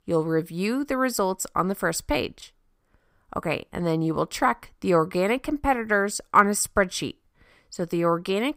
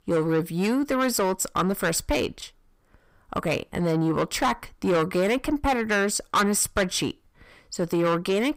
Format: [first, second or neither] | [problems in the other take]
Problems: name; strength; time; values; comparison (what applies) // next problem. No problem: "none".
first | distortion; heavy; 7 dB below the speech